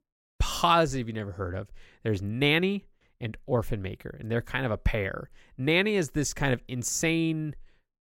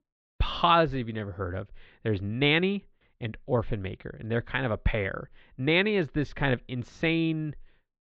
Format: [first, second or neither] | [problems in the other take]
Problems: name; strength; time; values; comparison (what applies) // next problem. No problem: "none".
first | muffled; very; fading above 4 kHz